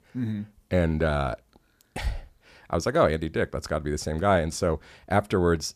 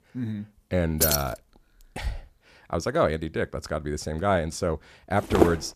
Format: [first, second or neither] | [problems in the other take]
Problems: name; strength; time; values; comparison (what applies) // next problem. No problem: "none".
first | jangling keys; loud; at 1 s; peak 5 dB above the speech // footsteps; loud; at 5.5 s; peak 4 dB above the speech